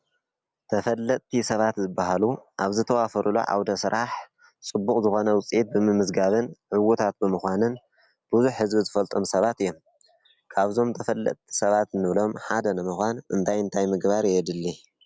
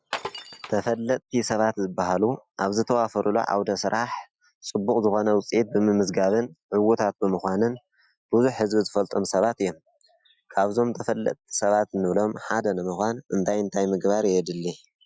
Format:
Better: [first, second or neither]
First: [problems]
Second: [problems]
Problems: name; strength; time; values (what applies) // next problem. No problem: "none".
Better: first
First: none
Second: noise reduction (classical method Wiener filter)